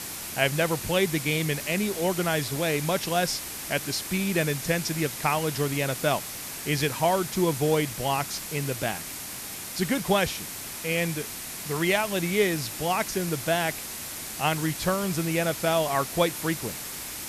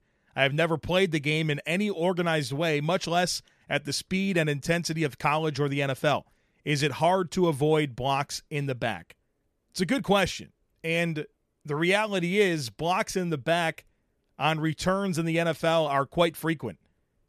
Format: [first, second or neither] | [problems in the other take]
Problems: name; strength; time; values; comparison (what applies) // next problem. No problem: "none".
second | hiss; loud; throughout; 7 dB below the speech